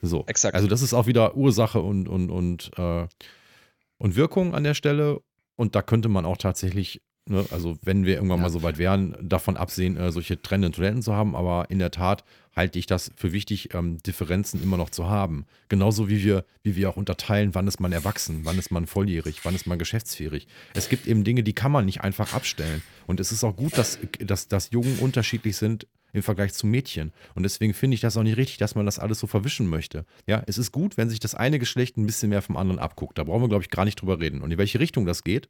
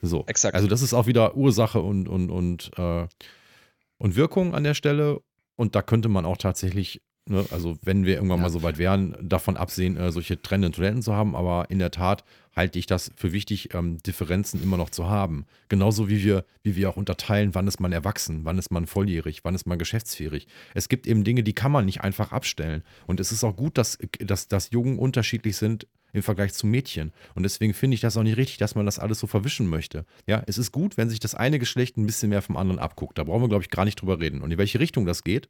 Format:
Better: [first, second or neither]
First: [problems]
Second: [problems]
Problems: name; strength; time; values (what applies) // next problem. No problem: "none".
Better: second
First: jangling keys; noticeable; from 18 to 25 s; peak 7 dB below the speech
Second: none